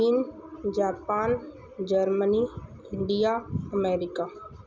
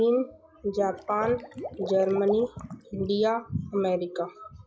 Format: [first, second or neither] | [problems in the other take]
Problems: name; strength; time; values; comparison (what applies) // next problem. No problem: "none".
first | noise reduction (classical method log-MMSE)